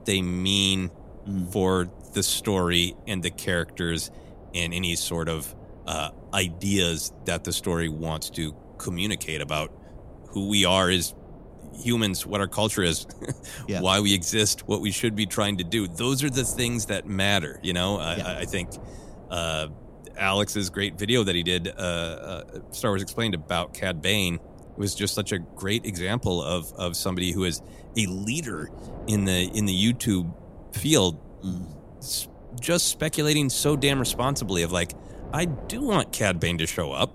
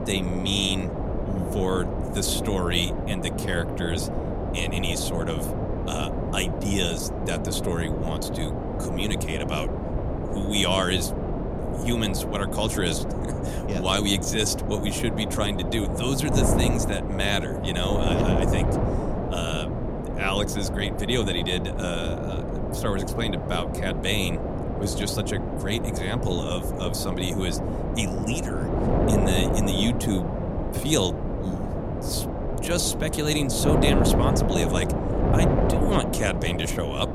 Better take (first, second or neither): first